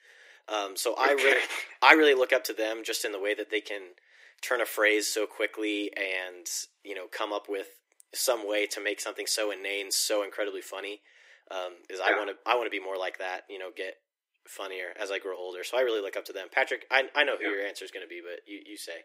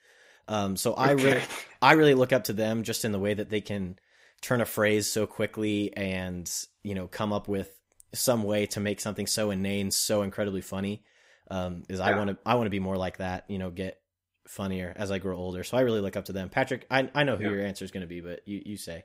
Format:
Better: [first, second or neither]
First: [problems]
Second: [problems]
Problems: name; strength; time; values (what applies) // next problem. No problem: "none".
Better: second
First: thin; very; fading below 300 Hz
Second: none